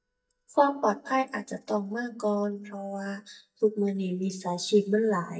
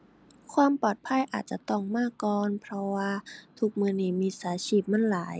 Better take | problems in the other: second | noise reduction (neural mask model DeepFilterNet 3)

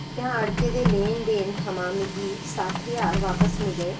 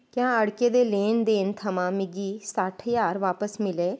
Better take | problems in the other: second | background sound (Printer); 1 dB above the speech // room echo; dies away in 0.3 s

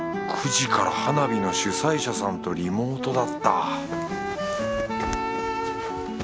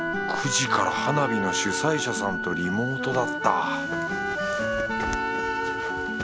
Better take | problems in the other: first | background sound (Organ); 6 dB below the speech

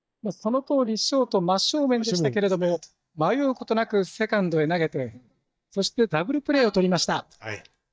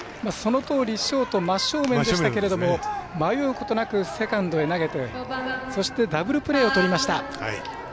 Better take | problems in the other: second | noise reduction (neural mask model DeepFilterNet 3)

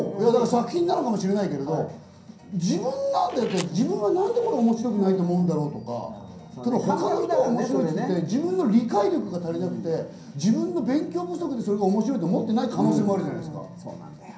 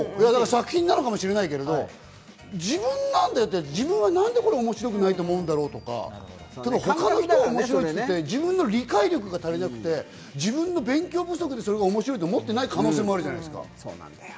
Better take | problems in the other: second | background sound (Fire); 20 dB below the speech // room echo; dies away in 0.6 s

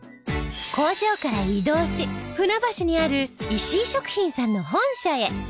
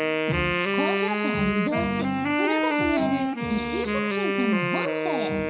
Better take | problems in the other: first | background sound (Wind instrument, woodwind instrument); 3 dB above the speech // room echo; dies away in 0.5 s

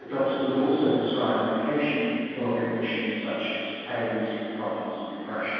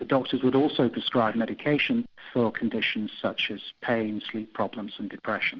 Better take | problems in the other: second | room echo; dies away in 2.2 s

